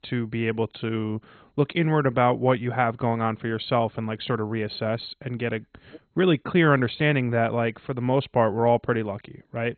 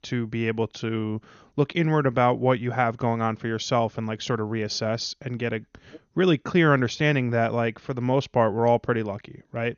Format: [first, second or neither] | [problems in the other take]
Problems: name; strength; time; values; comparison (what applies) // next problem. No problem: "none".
second | garbled, watery; badly; nothing above 4 kHz; slightly in the second